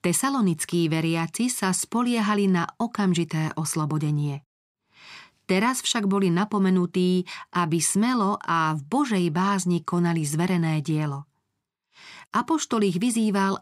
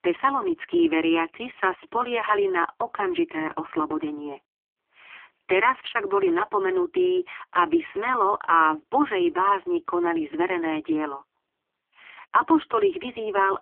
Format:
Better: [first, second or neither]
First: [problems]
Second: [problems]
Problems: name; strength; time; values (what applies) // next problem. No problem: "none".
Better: first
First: none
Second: phone-call audio; poor line; nothing above 3 kHz